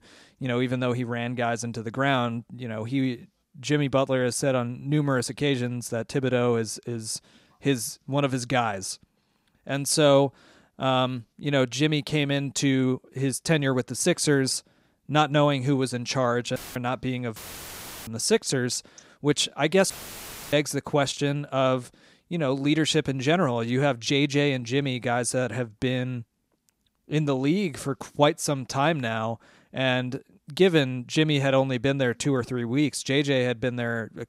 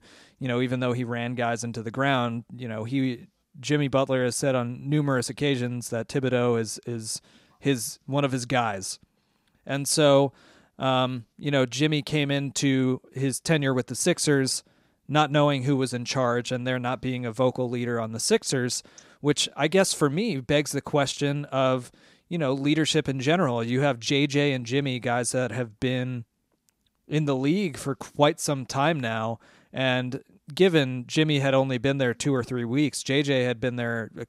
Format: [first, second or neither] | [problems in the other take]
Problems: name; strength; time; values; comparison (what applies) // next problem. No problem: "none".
second | audio cutting out; filled with static; at 17 s for 0.5 s and at 20 s for 0.5 s